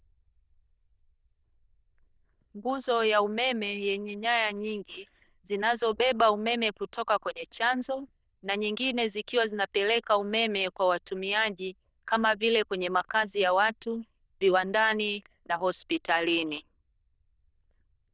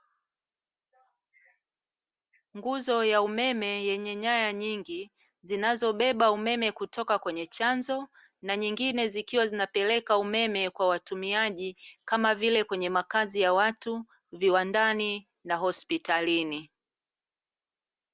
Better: second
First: noise reduction (neural diffusion model UNIVERSE++)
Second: none

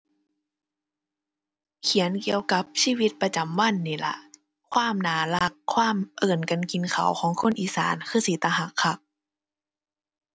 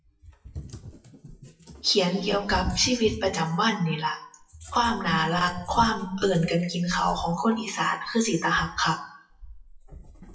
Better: first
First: none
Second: noise reduction (classical method WPE with log-MMSE)

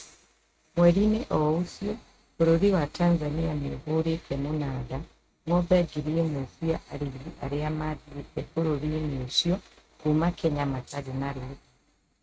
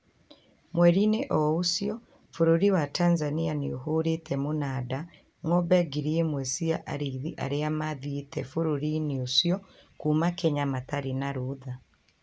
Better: second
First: noise reduction (neural mask model RNNoise)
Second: none

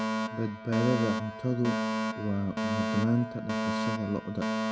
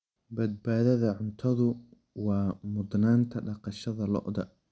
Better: second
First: background sound (Alarm); 1 dB below the speech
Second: none

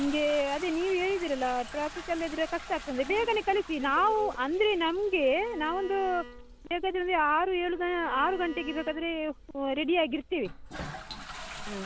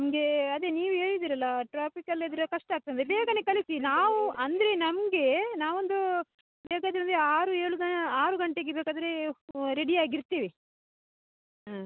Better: second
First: background sound (Toilet flush + Bowed string instrument); 14 dB below the speech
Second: none

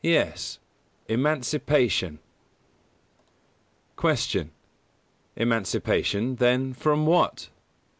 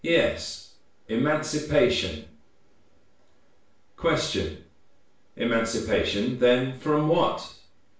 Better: first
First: none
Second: room echo; dies away in 0.5 s

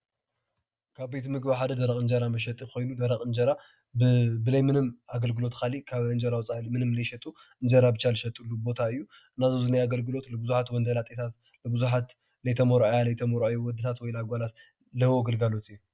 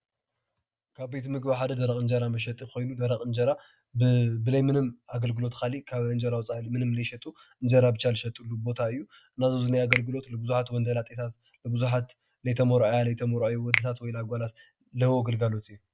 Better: first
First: none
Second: background sound (Finger snapping); 9 dB below the speech

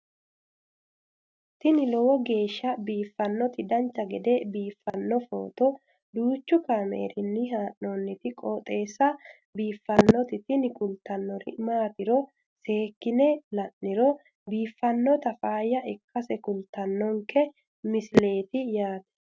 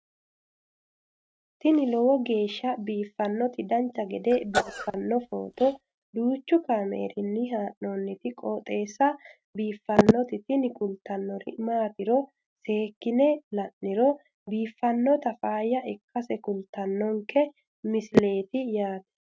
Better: first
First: none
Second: noise reduction (neural mask model RNNoise)

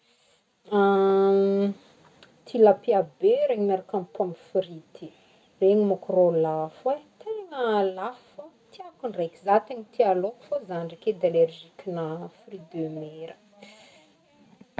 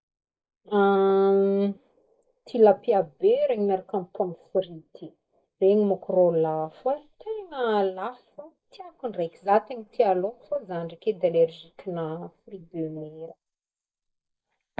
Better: first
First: none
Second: noise reduction (neural mask model Resemble Enhance denoiser)

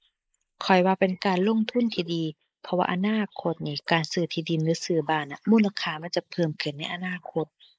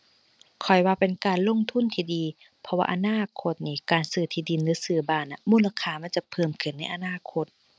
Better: second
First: noise reduction (neural mask model Resemble Enhance denoiser)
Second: none

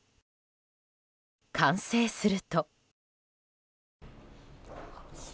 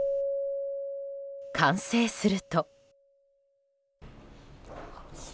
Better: first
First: none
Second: background sound (Keyboard (musical)); 5 dB below the speech

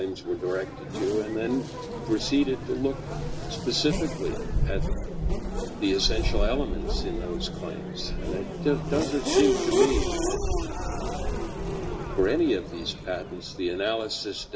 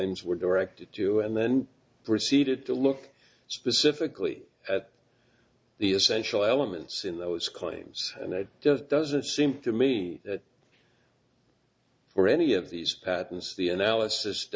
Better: second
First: background sound (Race car, auto racing / Accelerating, revving, vroom); as loud as the speech // room echo; dies away in 0.6 s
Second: none

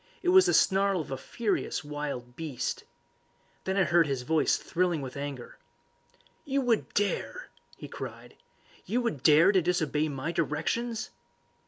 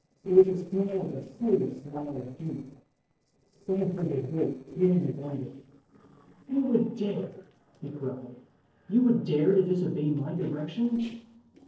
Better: first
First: none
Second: noise reduction (neural separator model SepFormer DNS4)

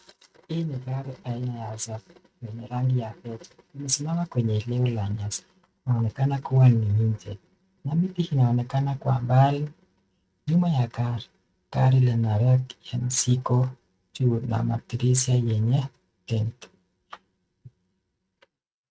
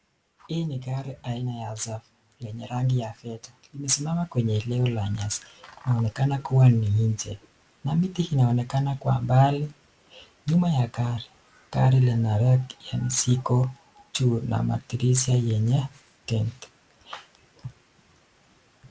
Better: second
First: noise reduction (neural mask model RNNoise)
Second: none

